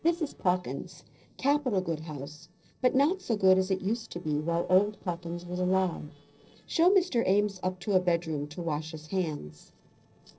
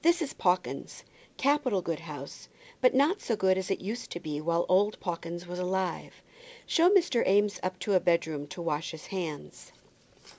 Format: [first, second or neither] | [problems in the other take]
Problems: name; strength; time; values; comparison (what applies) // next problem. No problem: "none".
second | noise reduction (neural separator model SepFormer DNS4)